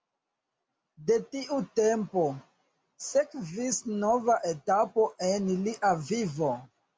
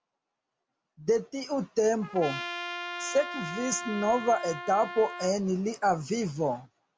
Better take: first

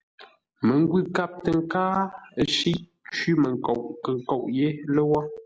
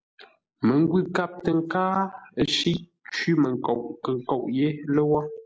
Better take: first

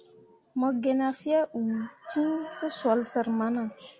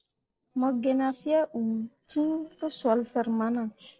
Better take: first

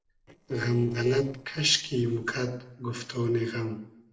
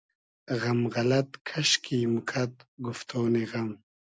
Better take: second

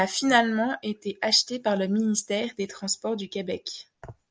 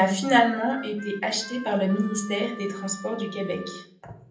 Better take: first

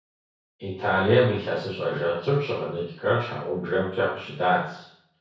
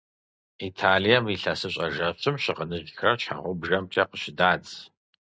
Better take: second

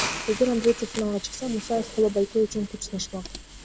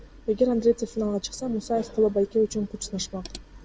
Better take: second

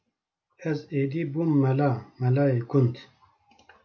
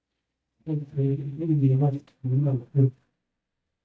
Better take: first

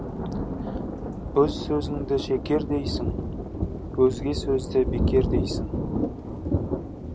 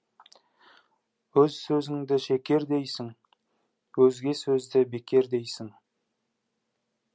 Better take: second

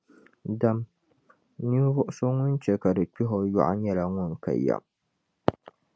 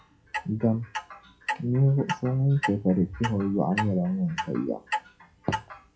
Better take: first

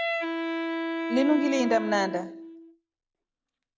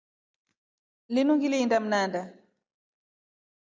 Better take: second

